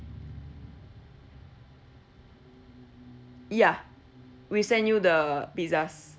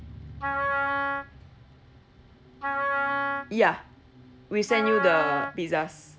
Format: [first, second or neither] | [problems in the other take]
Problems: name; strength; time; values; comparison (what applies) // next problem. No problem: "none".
first | background sound (Wind instrument, woodwind instrument); as loud as the speech